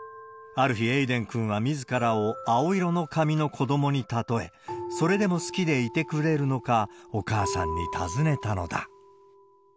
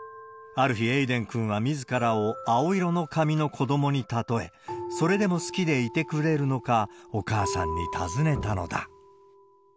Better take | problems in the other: first | background sound (Bowed string instrument); 14 dB below the speech

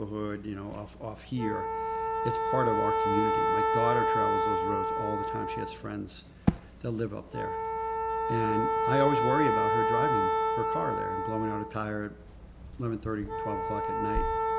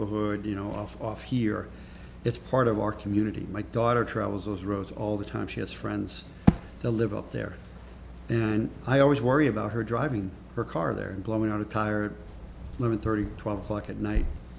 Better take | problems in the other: second | background sound (Wind instrument, woodwind instrument); 3 dB above the speech

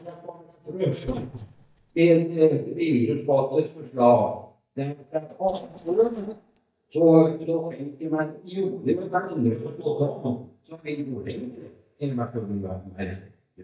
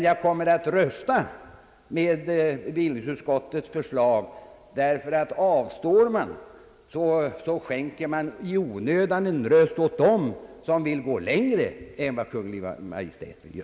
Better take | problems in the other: second | noise reduction (neural mask model DeepFilterNet 3)

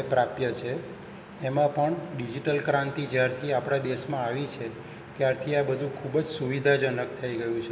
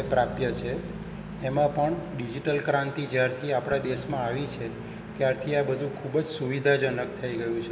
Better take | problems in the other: first | background sound (Growling); 13 dB below the speech

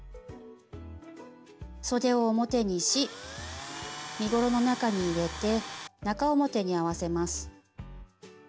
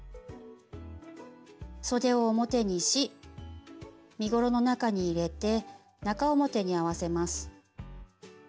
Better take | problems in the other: second | background sound (Tools); 10 dB below the speech

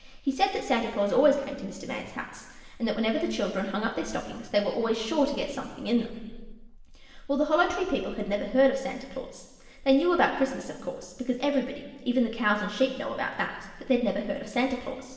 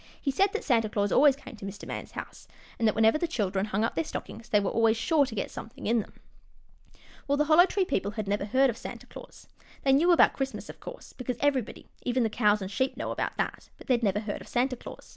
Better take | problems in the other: second | room echo; dies away in 1.2 s

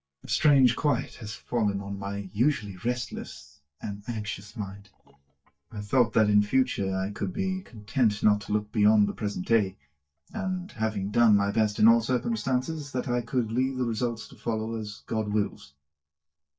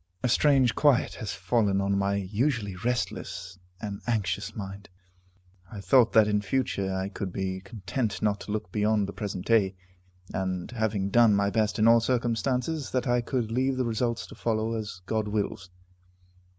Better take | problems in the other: second | noise reduction (neural mask model DeepFilterNet 3)

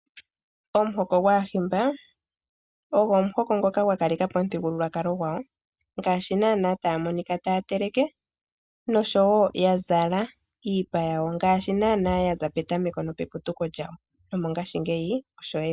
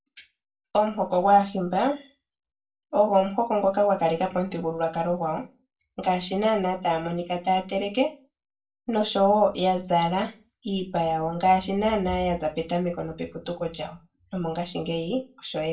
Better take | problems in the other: first | room echo; dies away in 0.3 s

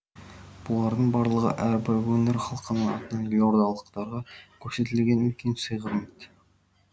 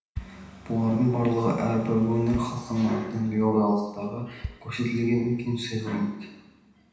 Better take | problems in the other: first | background sound (Bass drum); 18 dB below the speech // room echo; dies away in 0.9 s

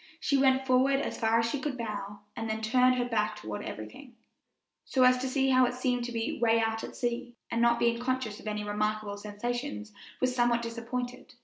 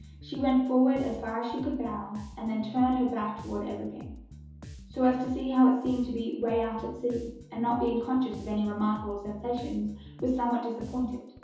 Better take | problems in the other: first | background sound (Bass guitar); 17 dB below the speech // room echo; dies away in 2.8 s

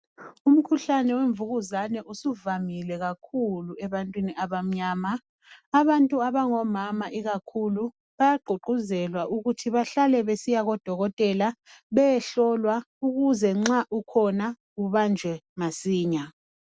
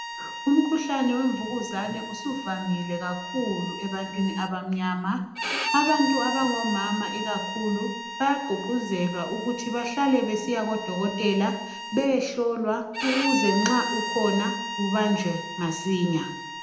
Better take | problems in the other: first | background sound (Bowed string instrument); 7 dB below the speech // room echo; dies away in 0.7 s

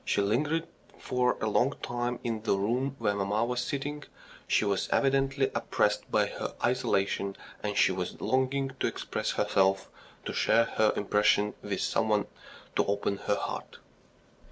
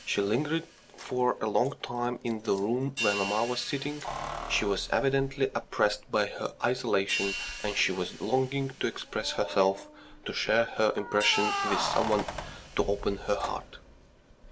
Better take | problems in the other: first | background sound (Keys jangling + Hi-hat); 9 dB below the speech

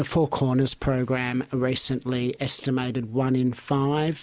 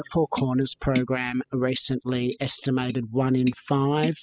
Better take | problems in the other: first | noise reduction (classical method spectral subtraction)

